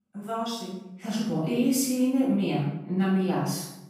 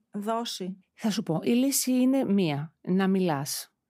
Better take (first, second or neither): second